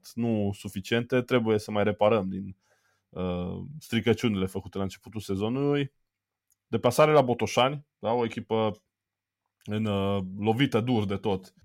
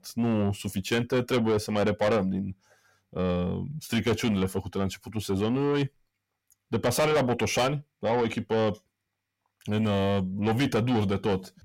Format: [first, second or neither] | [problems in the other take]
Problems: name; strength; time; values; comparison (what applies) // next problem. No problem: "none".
first | distortion; heavy; 7 dB below the speech